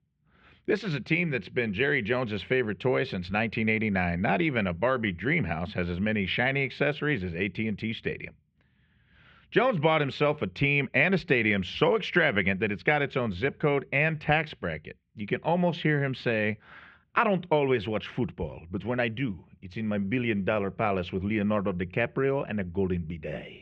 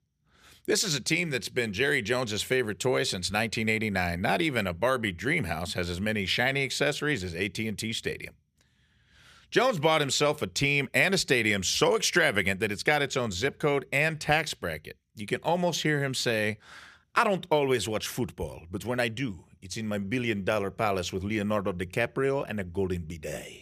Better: second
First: muffled; very; fading above 2.5 kHz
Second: none

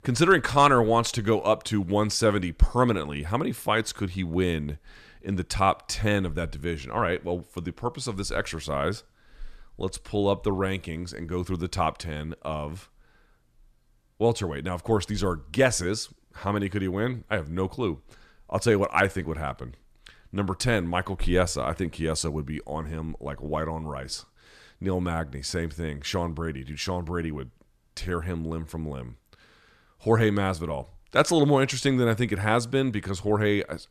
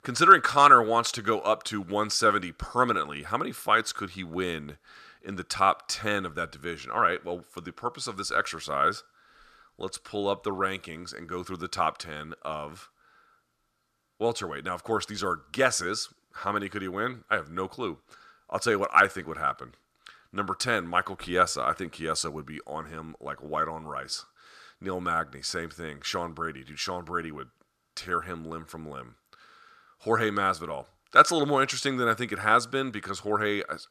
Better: first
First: none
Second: thin; somewhat; fading below 400 Hz

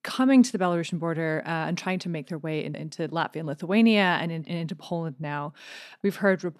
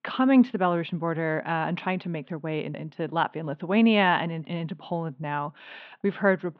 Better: first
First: none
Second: muffled; very; fading above 3.5 kHz

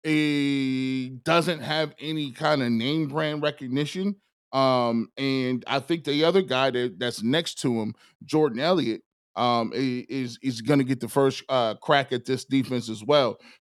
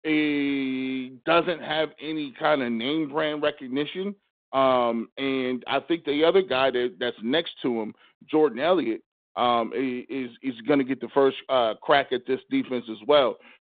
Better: first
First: none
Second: phone-call audio; nothing above 3.5 kHz

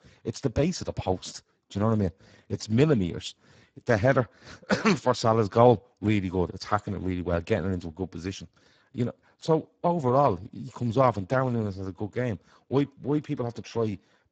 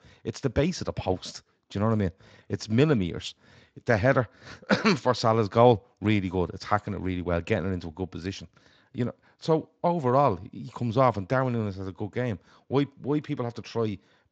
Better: second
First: garbled, watery; badly; nothing above 7.5 kHz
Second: garbled, watery; slightly; nothing above 7.5 kHz

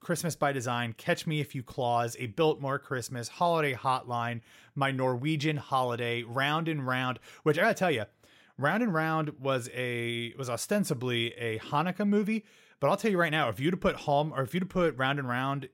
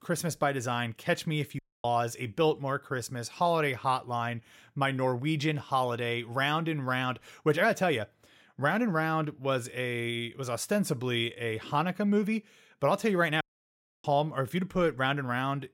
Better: first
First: none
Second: audio cutting out; at 1.5 s and at 13 s for 0.5 s

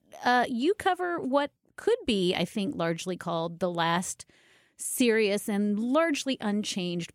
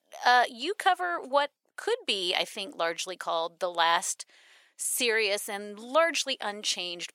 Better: first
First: none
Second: thin; very; fading below 700 Hz

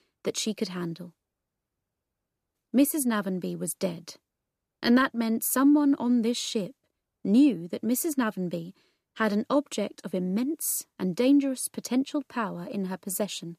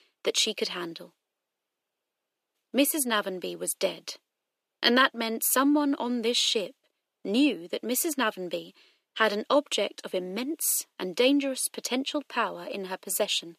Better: first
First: none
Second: thin; somewhat; fading below 450 Hz

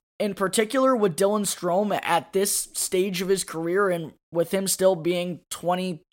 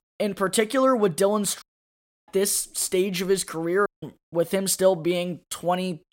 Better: first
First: none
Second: audio cutting out; at 1.5 s for 0.5 s and at 4 s

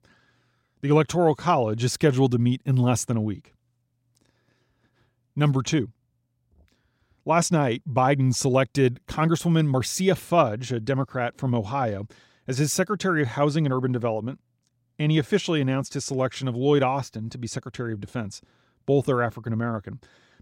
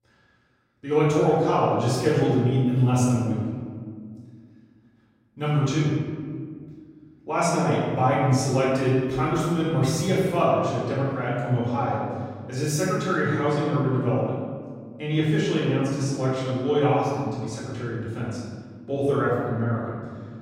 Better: first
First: none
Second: room echo; strong; dies away in 1.7 s // off-mic speech; far

